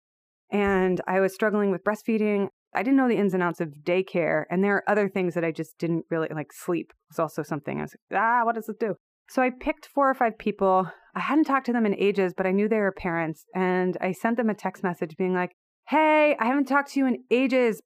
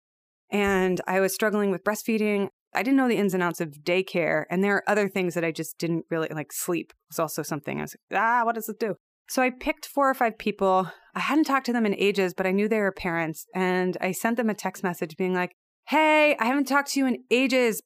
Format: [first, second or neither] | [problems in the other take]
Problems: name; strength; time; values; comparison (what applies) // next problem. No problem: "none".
second | muffled; slightly; fading above 3 kHz